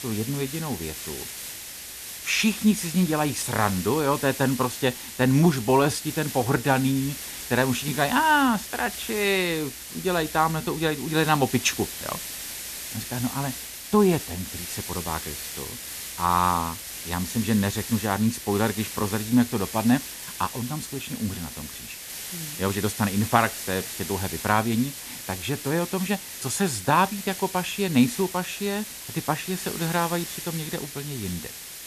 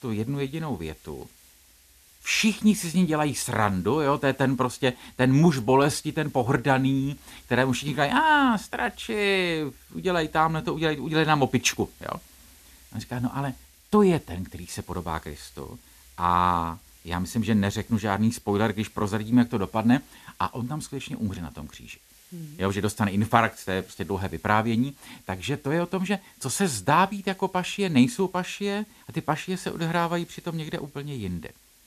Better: second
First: hiss; loud; throughout; 9 dB below the speech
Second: hiss; faint; throughout; 25 dB below the speech

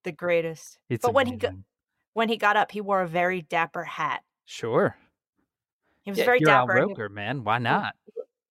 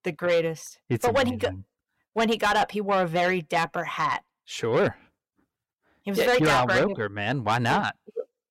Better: first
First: none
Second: distortion; heavy; 8 dB below the speech

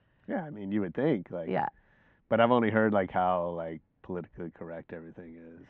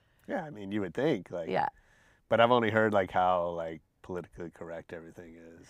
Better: second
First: muffled; very; fading above 3 kHz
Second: none

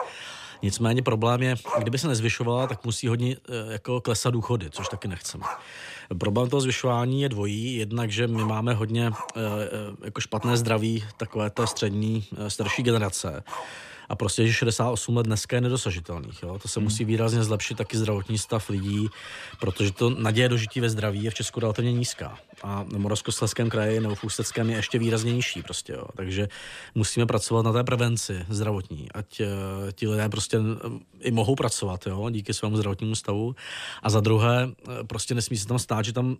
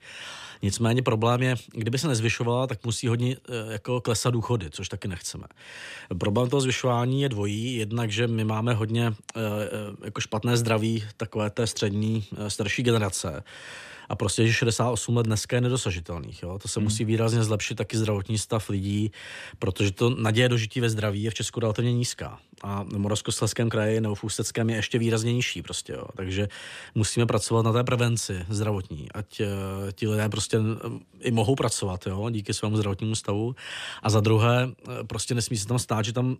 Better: second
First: animal sounds; noticeable; throughout; 15 dB below the speech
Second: none

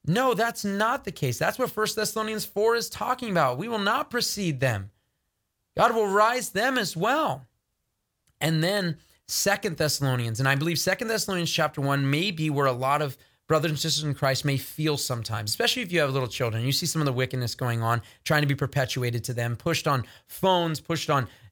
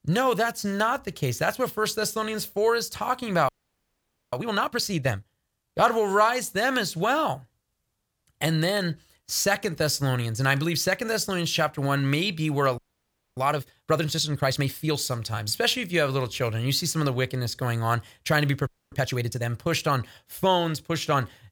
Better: first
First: none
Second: audio freezing; at 3.5 s for 1 s, at 13 s for 0.5 s and at 19 s

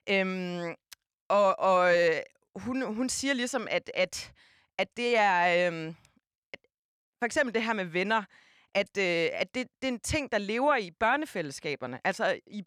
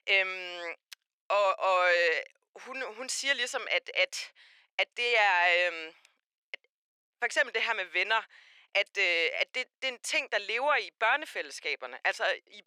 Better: first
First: none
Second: thin; very; fading below 400 Hz

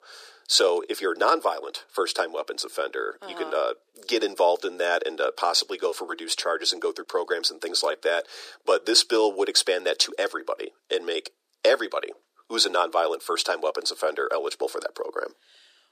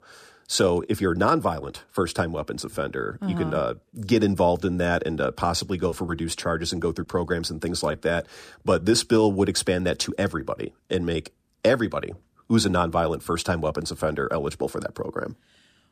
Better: second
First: thin; very; fading below 350 Hz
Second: none

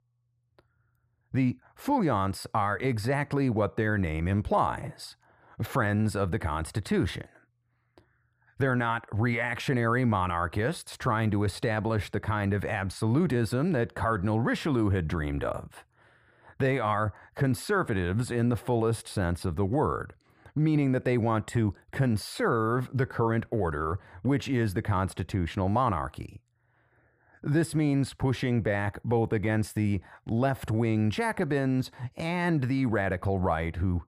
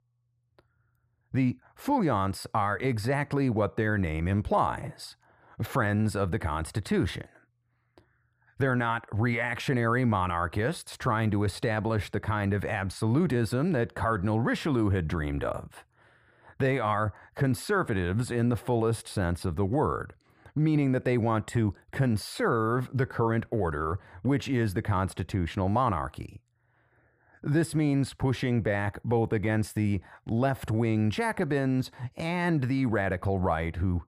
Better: neither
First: muffled; slightly; fading above 2.5 kHz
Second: muffled; slightly; fading above 2.5 kHz

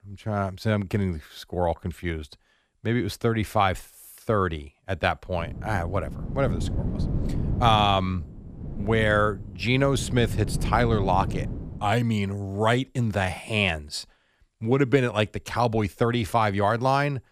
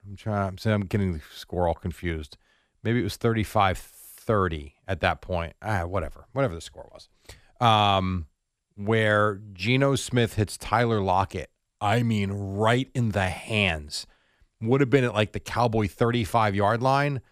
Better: second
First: wind noise on the microphone; occasional gusts; from 5.5 to 12 s; 15 dB below the speech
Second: none

